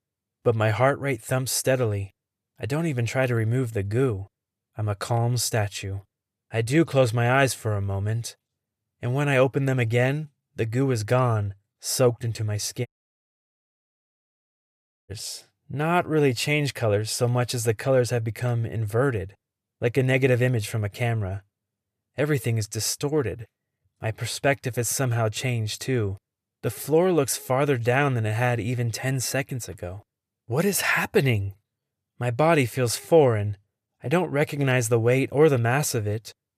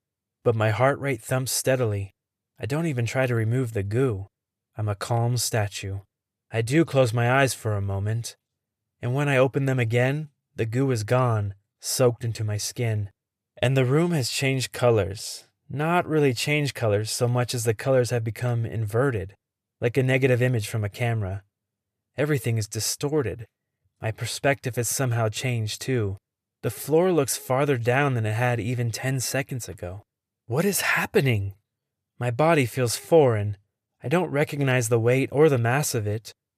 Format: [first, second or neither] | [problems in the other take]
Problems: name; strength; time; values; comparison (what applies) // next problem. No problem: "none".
second | audio cutting out; at 13 s for 2 s